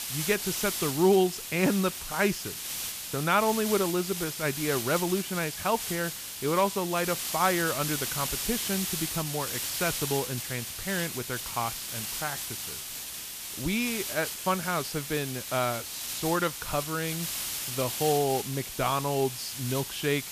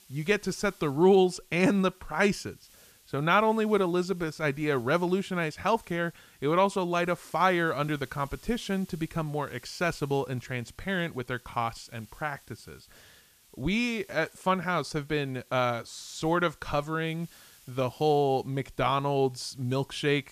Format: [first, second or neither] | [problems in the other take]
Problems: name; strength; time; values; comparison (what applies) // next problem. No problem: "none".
second | hiss; loud; throughout; 3 dB below the speech; faint in the second